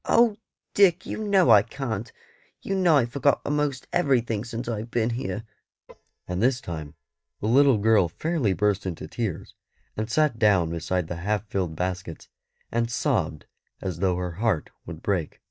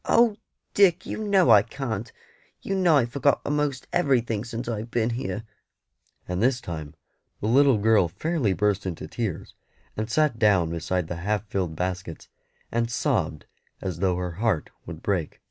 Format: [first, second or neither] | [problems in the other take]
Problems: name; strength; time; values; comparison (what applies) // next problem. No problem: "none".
second | noise reduction (neural mask model DeepFilterNet 3)